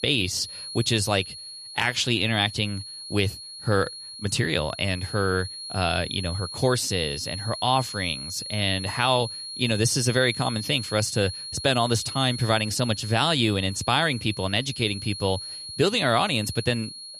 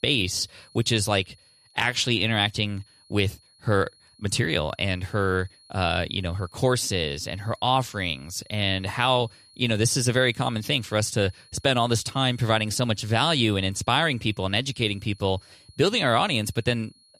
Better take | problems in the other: second | high-pitched whine; loud; throughout; 4.5 kHz, 10 dB below the speech; faint in the second

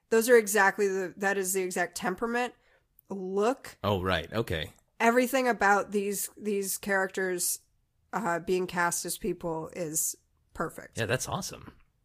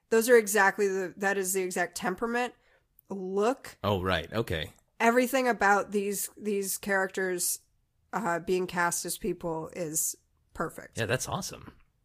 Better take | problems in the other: neither | garbled, watery; slightly; nothing above 15 kHz; the same in both

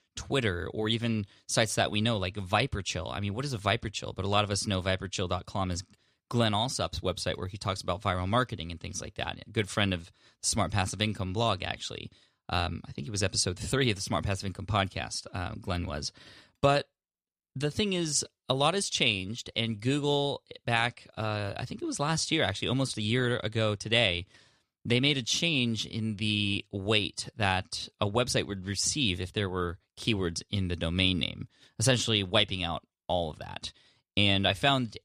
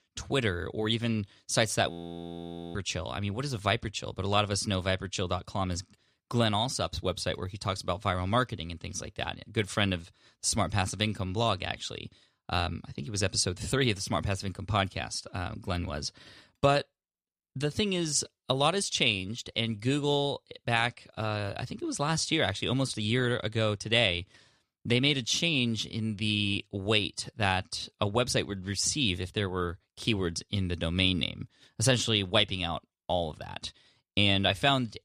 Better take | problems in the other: first | audio freezing; at 2 s for 1 s

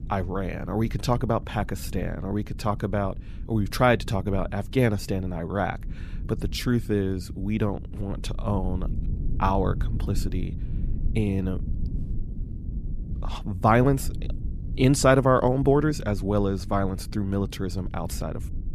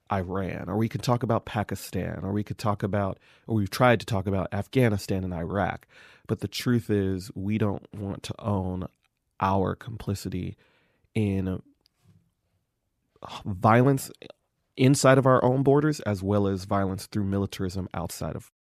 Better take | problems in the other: second | low rumble; faint; throughout; 20 dB below the speech

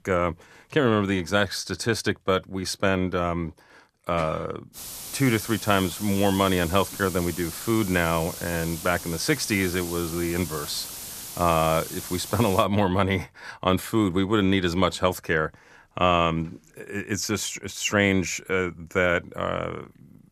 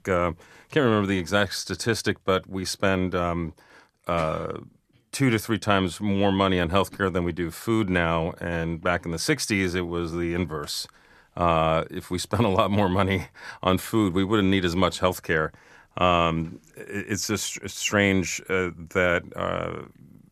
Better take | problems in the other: second | hiss; noticeable; from 5 to 13 s; 10 dB below the speech

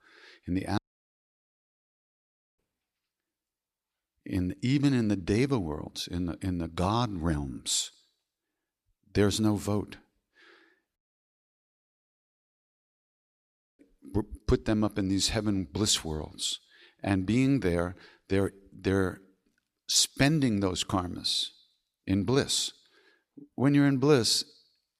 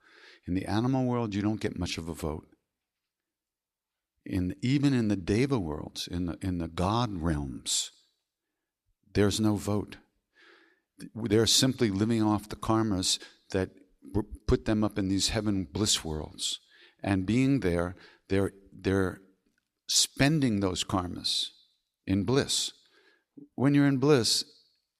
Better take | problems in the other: second | audio cutting out; at 1 s for 2 s and at 11 s for 3 s

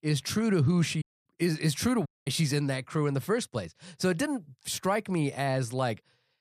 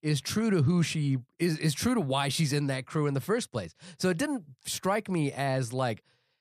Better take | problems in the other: second | audio cutting out; at 1 s and at 2 s

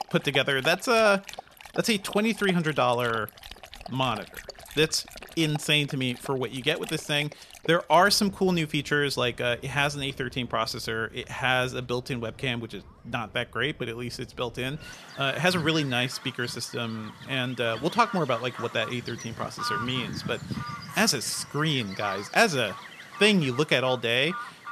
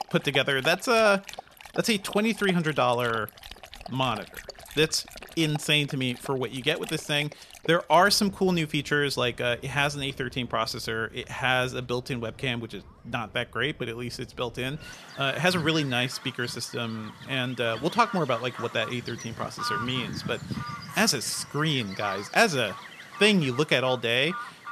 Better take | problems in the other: neither | animal sounds; noticeable; throughout; 15 dB below the speech; the same in both

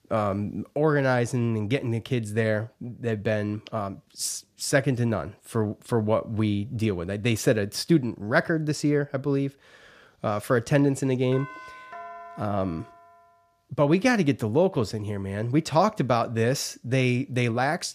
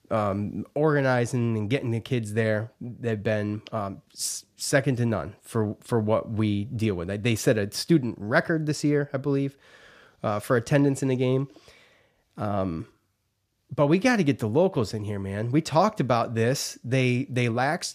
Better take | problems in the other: second | doorbell; faint; from 11 to 13 s; peak 15 dB below the speech

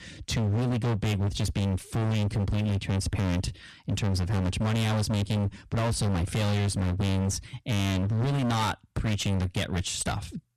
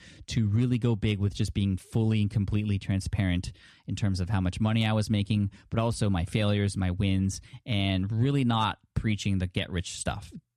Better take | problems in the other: second | distortion; heavy; 39% of the sound clipped

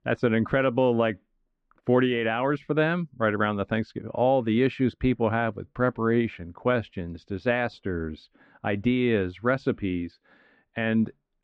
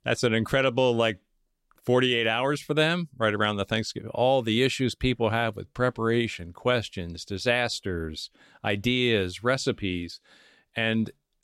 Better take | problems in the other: second | muffled; very; fading above 1.5 kHz

